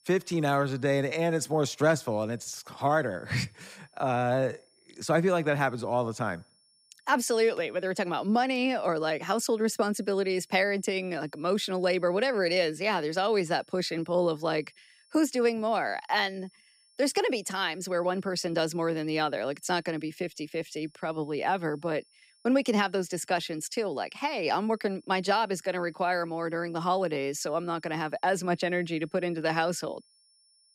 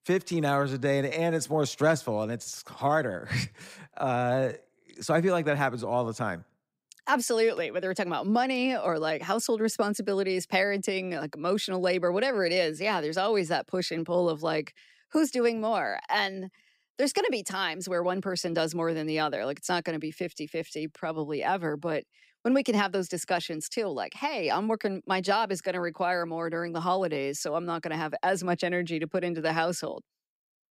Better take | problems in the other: second | high-pitched whine; faint; throughout; 5.5 kHz, 35 dB below the speech

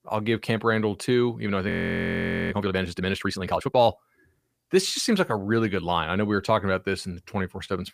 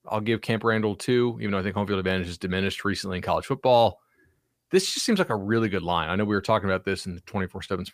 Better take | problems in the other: second | audio freezing; at 1.5 s for 1 s

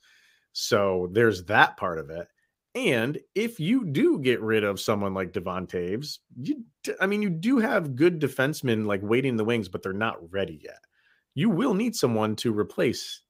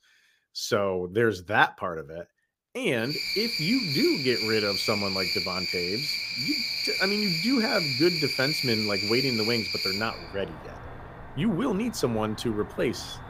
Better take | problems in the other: first | animal sounds; very loud; from 3 s on; 1 dB above the speech

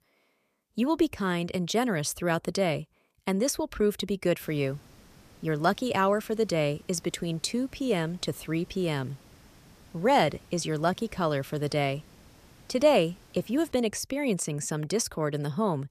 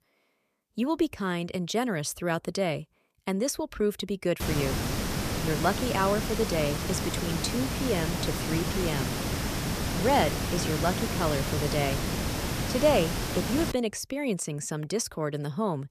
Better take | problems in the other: first | hiss; loud; from 4.5 to 14 s; 1 dB below the speech; faint in the first

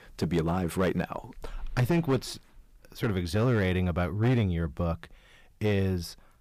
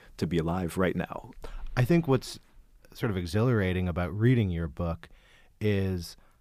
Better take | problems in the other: second | distortion; slight; 6% of the sound clipped

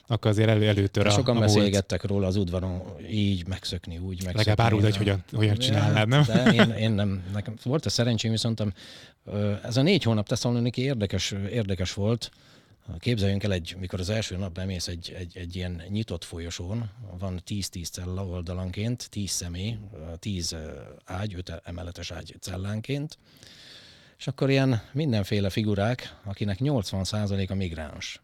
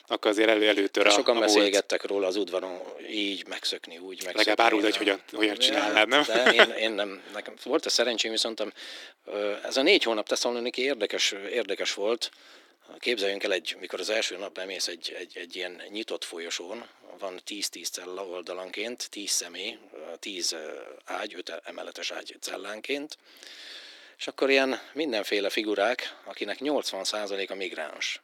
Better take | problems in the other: first | thin; very; fading below 300 Hz

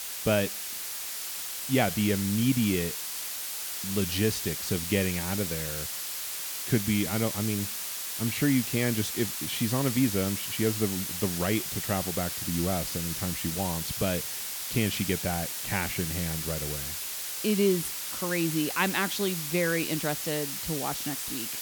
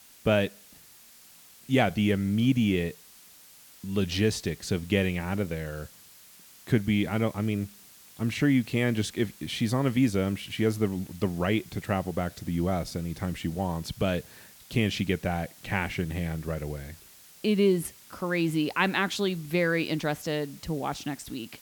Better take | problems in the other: second | hiss; loud; throughout; 2 dB below the speech; faint in the second

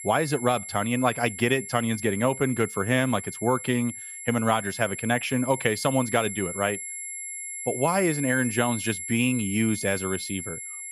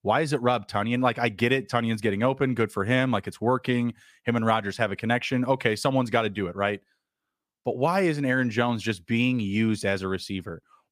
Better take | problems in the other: second | high-pitched whine; loud; throughout; 11 kHz, 8 dB below the speech

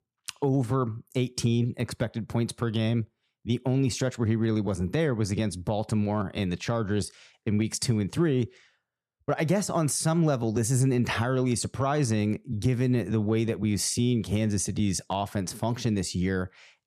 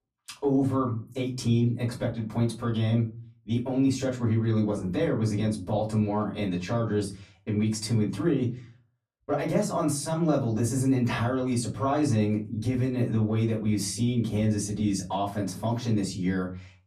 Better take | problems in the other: first | off-mic speech; far // room echo; very slight; dies away in 0.3 s

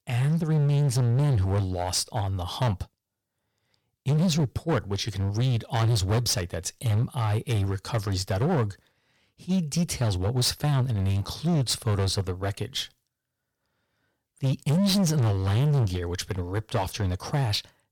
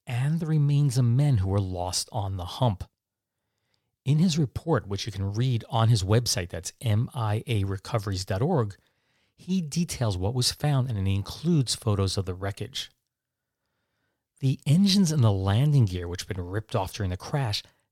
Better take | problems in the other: second | distortion; slight; 15% of the sound clipped

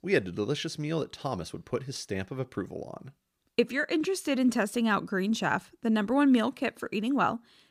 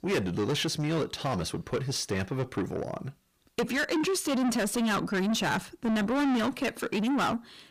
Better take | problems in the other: first | distortion; heavy; 6 dB below the speech

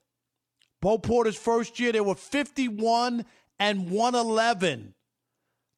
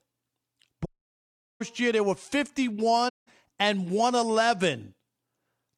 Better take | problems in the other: first | audio cutting out; at 1 s for 0.5 s and at 3 s

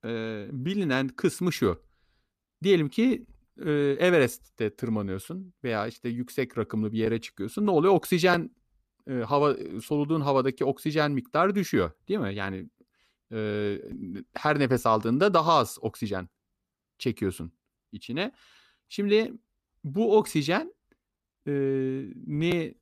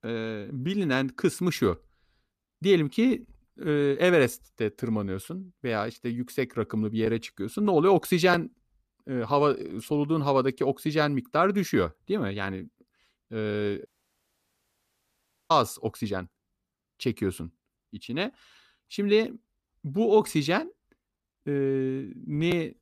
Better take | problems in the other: first | audio cutting out; at 14 s for 1.5 s

